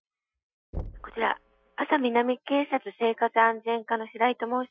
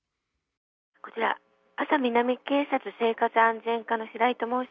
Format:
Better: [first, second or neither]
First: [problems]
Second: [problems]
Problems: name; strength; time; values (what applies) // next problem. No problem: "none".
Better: second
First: noise reduction (classical method Wiener filter)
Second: none